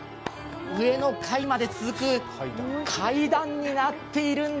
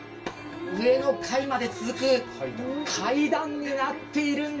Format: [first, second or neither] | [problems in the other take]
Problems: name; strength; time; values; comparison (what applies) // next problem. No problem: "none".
first | room echo; dies away in 0.2 s